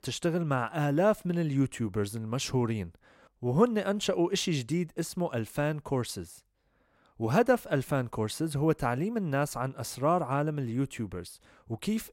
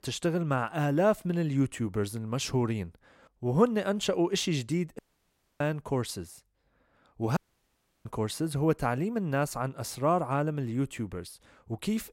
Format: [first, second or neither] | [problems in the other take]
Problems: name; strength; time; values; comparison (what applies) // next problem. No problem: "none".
first | audio cutting out; at 5 s for 0.5 s and at 7.5 s for 0.5 s